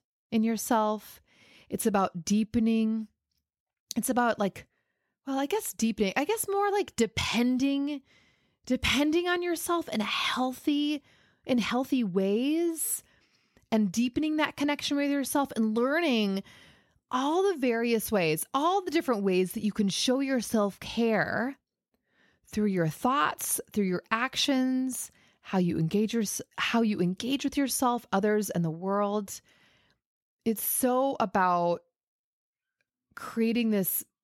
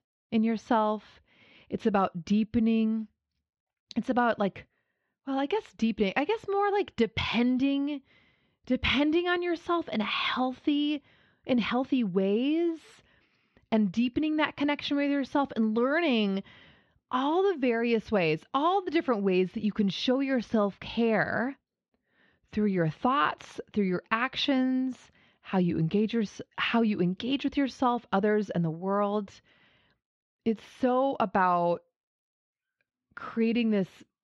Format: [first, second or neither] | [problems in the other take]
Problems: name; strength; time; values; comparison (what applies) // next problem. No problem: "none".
first | muffled; slightly; fading above 4 kHz